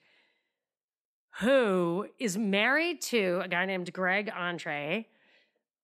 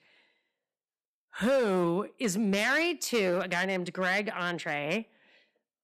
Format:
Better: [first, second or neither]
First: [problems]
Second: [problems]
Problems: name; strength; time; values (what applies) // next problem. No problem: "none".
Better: first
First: none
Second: distortion; slight; 5% of the sound clipped